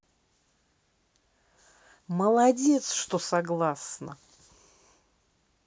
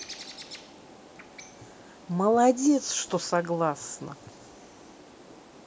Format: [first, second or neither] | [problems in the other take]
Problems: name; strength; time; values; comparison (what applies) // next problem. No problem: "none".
first | background sound (Bird); 18 dB below the speech